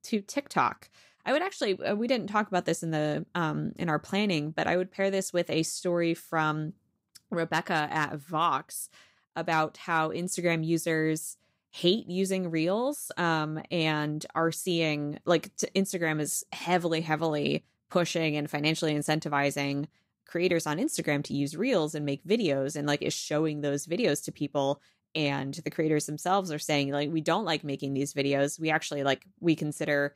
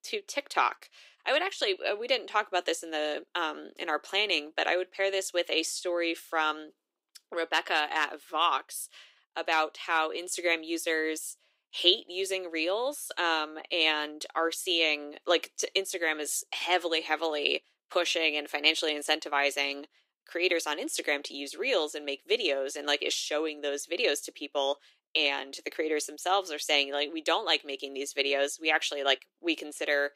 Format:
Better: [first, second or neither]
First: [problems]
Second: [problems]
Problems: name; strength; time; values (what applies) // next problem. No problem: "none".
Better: first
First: none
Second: thin; very; fading below 350 Hz